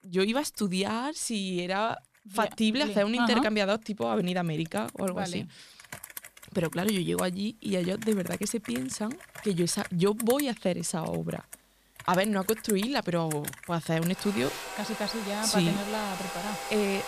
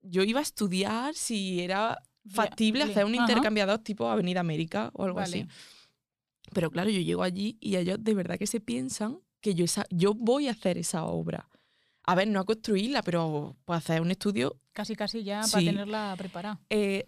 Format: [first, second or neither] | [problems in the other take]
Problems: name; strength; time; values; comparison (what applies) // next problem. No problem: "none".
second | household noises; noticeable; throughout; 10 dB below the speech